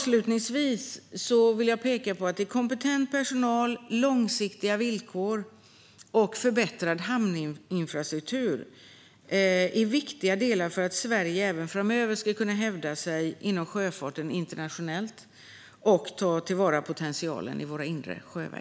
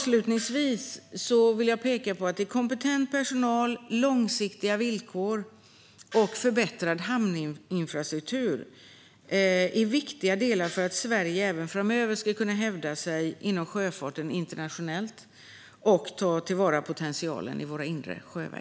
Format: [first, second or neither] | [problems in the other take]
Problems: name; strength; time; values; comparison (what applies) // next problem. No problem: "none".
first | background sound (Gong); 19 dB below the speech